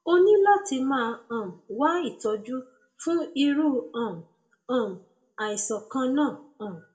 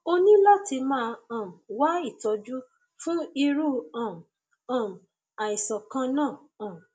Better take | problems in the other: second | room echo; dies away in 0.3 s

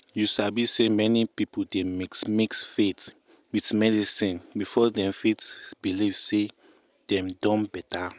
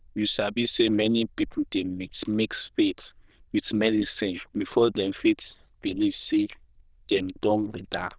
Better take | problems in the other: first | noise reduction (neural diffusion model UNIVERSE++)

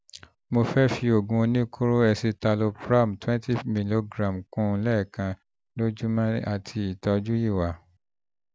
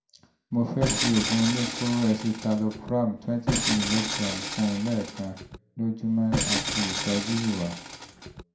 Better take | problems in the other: first | background sound (Tools); 3 dB below the speech // room echo; dies away in 0.4 s

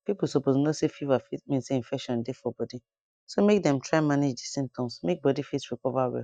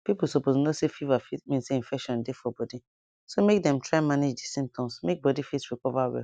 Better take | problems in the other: second | noise reduction (neural mask model DeepFilterNet 3)

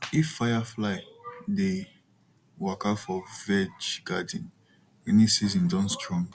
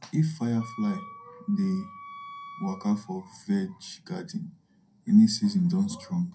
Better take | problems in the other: first | background sound (Wind instrument, woodwind instrument); 18 dB below the speech // room echo; dies away in 0.2 s

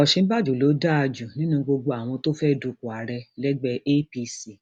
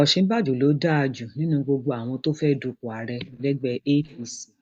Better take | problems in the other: first | noise reduction (neural mask model DeepFilterNet 3)

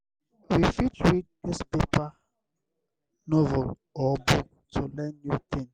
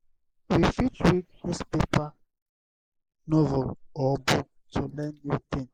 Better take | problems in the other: first | noise reduction (neural mask model Resemble Enhance denoiser)

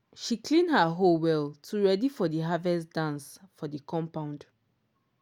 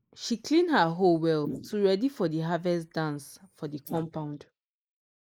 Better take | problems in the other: first | noise reduction (neural mask model Resemble Enhance denoiser)

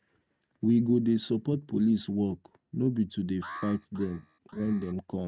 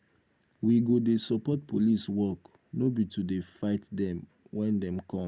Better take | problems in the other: second | noise reduction (neural mask model RNNoise)

